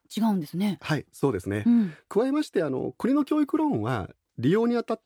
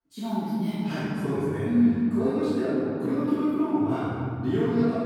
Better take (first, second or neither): first